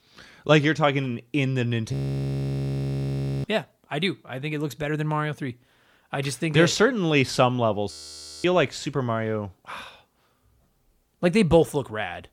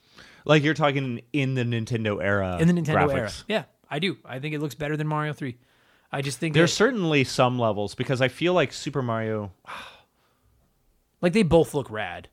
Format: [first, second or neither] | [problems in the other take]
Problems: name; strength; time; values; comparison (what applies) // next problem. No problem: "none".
second | audio freezing; at 2 s for 1.5 s and at 8 s for 0.5 s